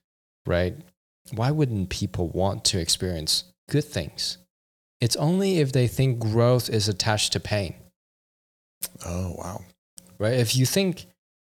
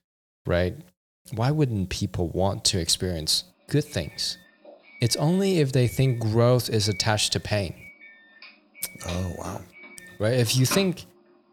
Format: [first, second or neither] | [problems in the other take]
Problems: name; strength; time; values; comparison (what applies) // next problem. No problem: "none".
first | doorbell; noticeable; from 4.5 to 11 s; peak 8 dB below the speech